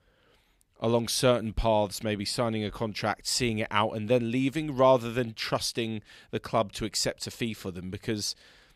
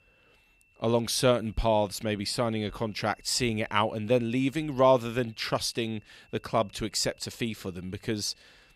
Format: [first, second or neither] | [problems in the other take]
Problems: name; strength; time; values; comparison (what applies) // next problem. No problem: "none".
first | high-pitched whine; faint; throughout; 2.5 kHz, 35 dB below the speech